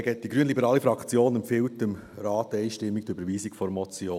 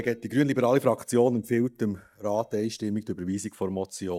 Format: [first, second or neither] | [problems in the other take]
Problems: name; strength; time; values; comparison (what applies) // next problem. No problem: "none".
first | noise reduction (neural mask model DeepFilterNet 3)